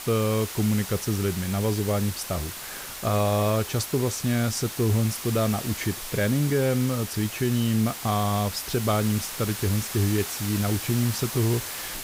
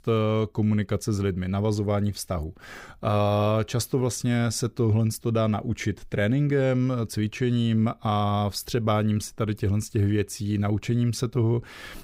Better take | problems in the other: second | hiss; loud; throughout; 7 dB below the speech

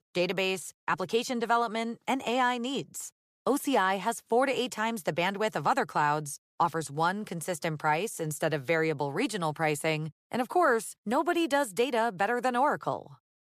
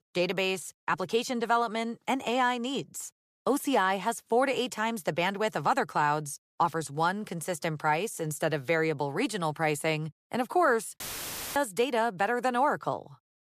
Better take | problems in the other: first | audio cutting out; filled with static; at 11 s for 0.5 s

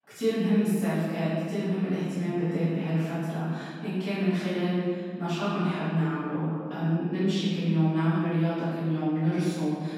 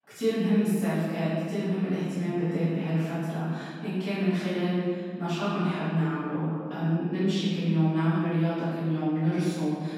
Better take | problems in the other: neither | off-mic speech; far; the same in both // room echo; strong; dies away in 1.9 s; the same in both

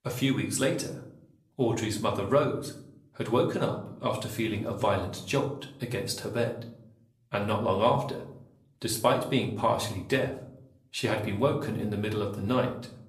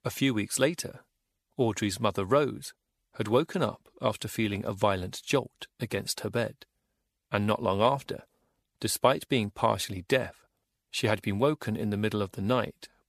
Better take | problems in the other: second | room echo; slight; dies away in 0.6 s // off-mic speech; somewhat distant

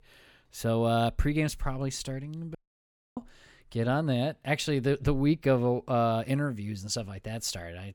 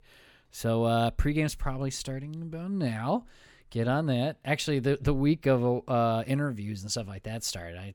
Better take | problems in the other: second | audio cutting out; at 2.5 s for 0.5 s

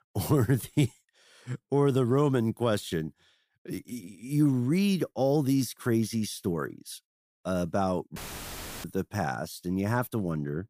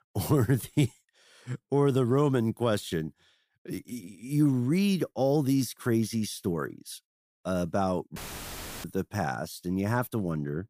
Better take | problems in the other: neither | audio cutting out; filled with static; at 8 s for 0.5 s; the same in both

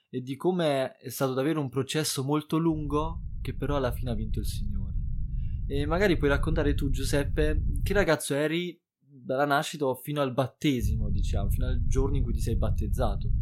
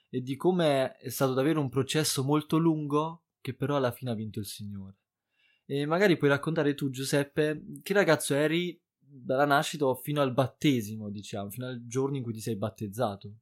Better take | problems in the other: second | low rumble; noticeable; from 2.5 to 8 s and from 11 s on; 20 dB below the speech

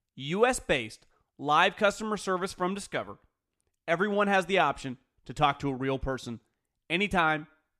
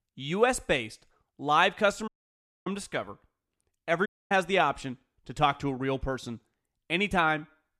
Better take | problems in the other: first | audio cutting out; at 2 s for 0.5 s and at 4 s

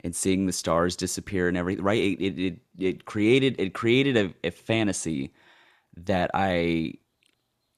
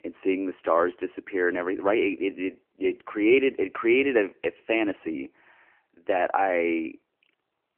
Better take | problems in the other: first | phone-call audio; nothing above 3 kHz

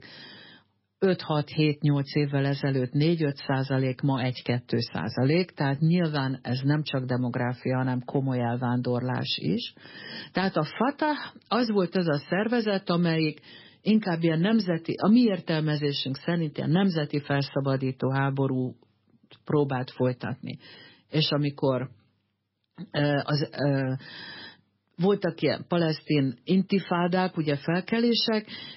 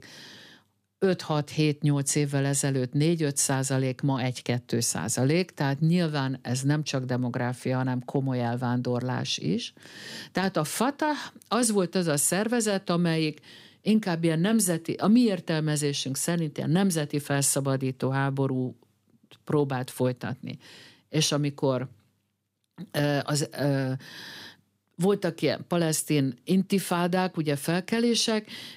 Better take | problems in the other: second | garbled, watery; badly; nothing above 5.5 kHz

